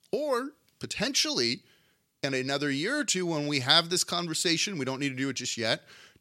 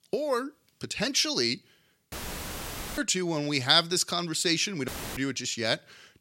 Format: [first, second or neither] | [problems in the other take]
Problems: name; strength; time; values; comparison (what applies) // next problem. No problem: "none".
first | audio cutting out; filled with static; at 2 s for 1 s and at 5 s